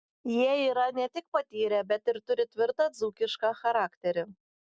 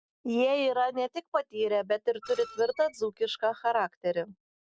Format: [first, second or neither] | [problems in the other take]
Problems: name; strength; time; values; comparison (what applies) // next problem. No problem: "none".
first | background sound (Screech); 19 dB below the speech